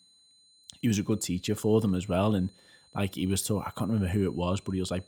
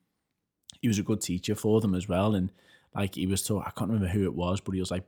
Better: second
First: high-pitched whine; faint; throughout; 4 kHz, 30 dB below the speech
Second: none

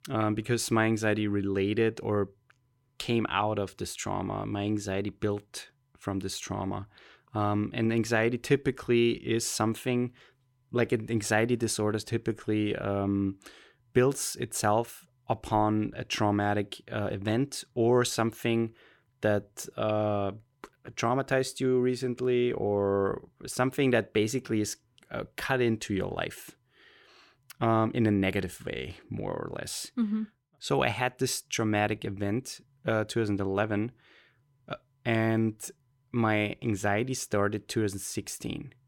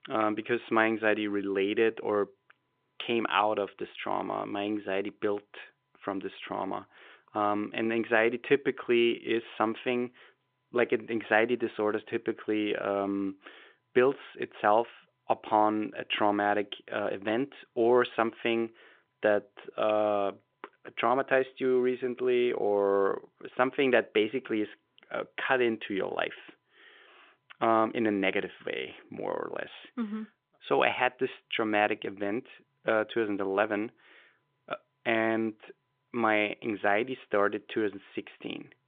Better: first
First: none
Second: phone-call audio

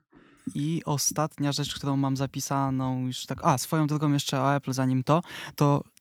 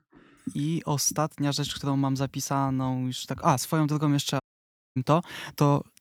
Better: first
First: none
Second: audio cutting out; at 4.5 s for 0.5 s

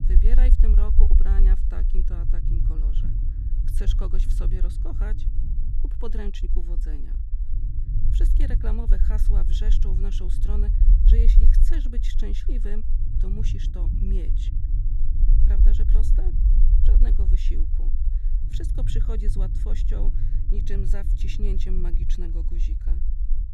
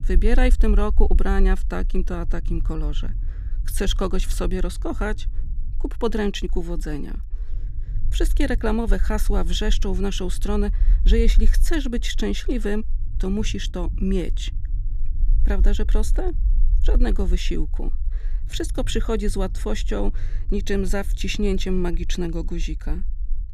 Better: second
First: low rumble; loud; throughout; 4 dB below the speech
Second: low rumble; faint; throughout; 20 dB below the speech

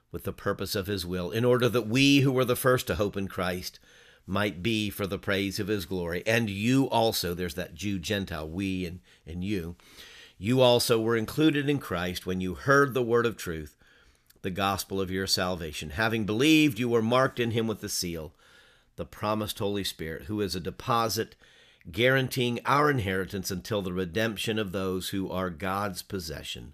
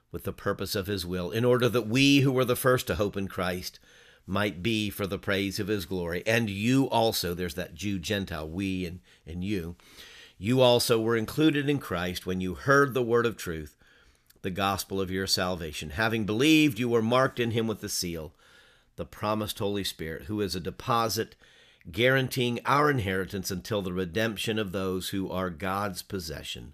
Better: neither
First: none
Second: none

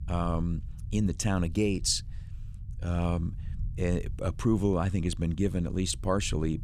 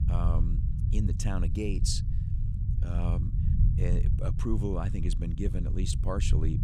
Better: first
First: low rumble; faint; throughout; 25 dB below the speech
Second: low rumble; loud; throughout; 7 dB below the speech

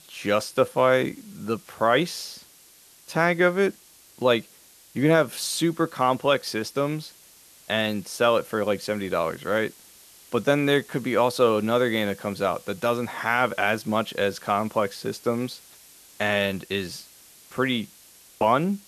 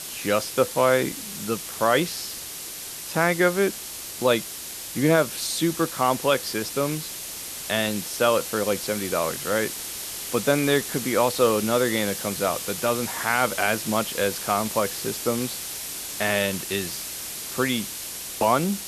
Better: first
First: hiss; faint; throughout; 25 dB below the speech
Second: hiss; loud; throughout; 7 dB below the speech

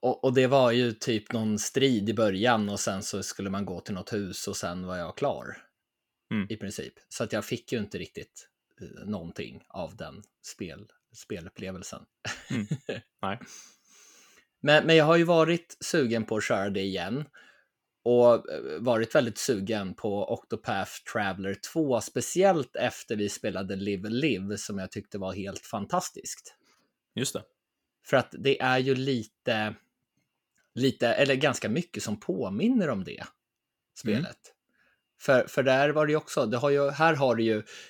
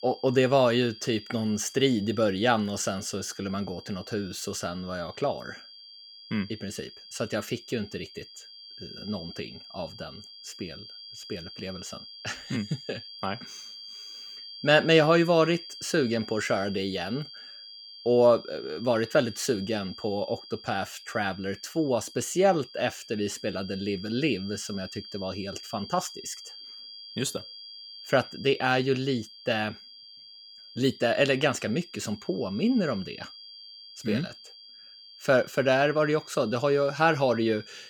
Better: first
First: none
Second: high-pitched whine; noticeable; throughout; 4.5 kHz, 15 dB below the speech

